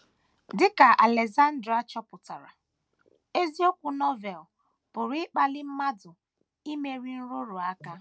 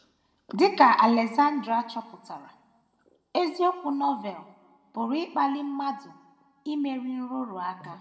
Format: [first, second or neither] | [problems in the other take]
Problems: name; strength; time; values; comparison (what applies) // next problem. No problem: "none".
first | room echo; dies away in 1 s